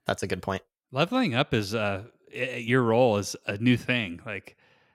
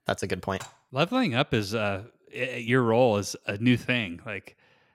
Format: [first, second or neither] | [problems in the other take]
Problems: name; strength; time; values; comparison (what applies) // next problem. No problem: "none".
first | clattering dishes; faint; at 0.5 s; peak 20 dB below the speech